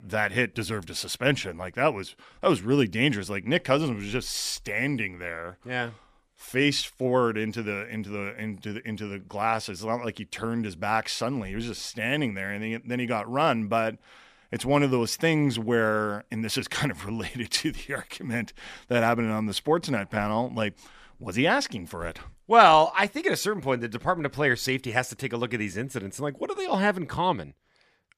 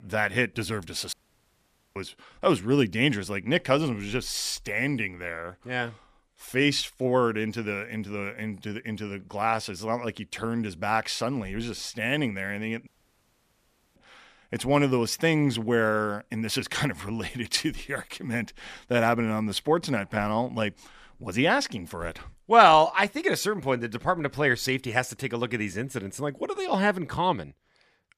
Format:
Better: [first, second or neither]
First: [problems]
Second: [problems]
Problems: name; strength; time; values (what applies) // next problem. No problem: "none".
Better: first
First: none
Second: audio cutting out; at 1 s for 1 s and at 13 s for 1 s